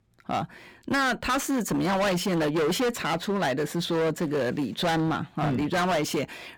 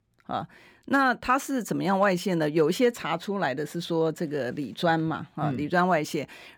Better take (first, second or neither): second